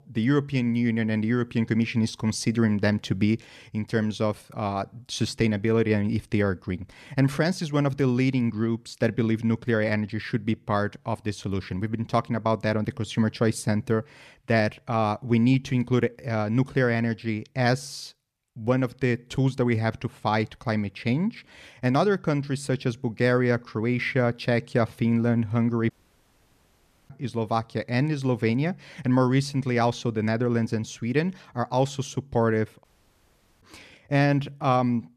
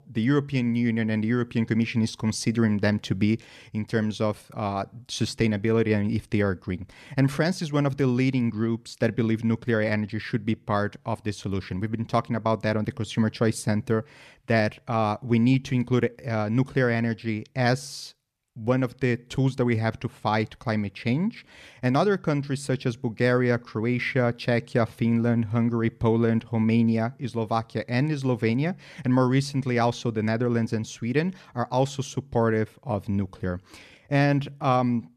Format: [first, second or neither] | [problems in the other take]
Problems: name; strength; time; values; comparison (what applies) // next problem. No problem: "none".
second | audio cutting out; at 26 s for 1 s and at 33 s for 1 s